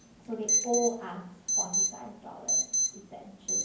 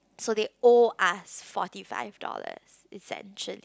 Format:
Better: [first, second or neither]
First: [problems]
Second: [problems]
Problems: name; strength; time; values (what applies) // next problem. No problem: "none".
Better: second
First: background sound (Alarm); 5 dB above the speech // room echo; dies away in 0.9 s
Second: none